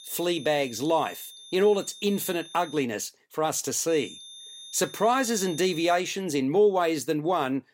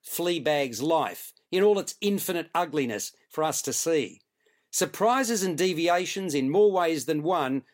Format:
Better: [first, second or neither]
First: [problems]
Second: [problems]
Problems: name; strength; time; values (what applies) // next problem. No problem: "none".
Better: second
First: high-pitched whine; noticeable; until 3 s and from 4 to 6 s; 3.5 kHz, 15 dB below the speech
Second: none